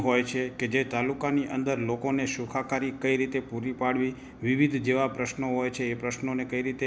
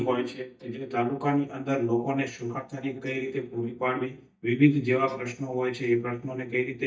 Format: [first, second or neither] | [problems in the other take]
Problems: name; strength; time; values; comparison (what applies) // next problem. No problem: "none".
first | noise reduction (neural mask model DeepFilterNet 3)